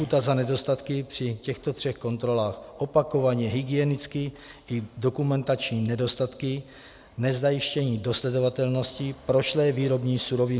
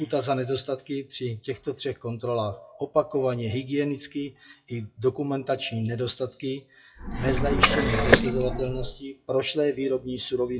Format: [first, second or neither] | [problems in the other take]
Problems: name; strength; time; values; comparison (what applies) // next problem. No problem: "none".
first | noise reduction (classical method WPE with log-MMSE)